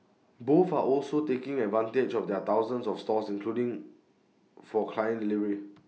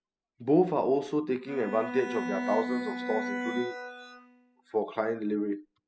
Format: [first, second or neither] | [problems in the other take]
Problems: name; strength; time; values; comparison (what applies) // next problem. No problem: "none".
first | noise reduction (classical method spectral subtraction)